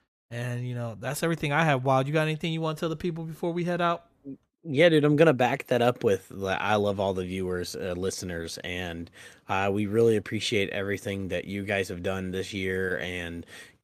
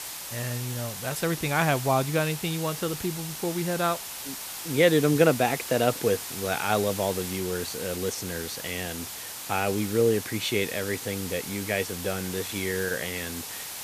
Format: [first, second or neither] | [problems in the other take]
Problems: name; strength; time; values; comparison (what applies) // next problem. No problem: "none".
first | hiss; loud; throughout; 7 dB below the speech